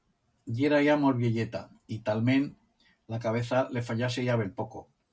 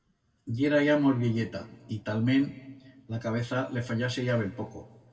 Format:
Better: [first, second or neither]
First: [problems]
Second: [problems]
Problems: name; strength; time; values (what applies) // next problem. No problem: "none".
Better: first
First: none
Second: room echo; dies away in 1.1 s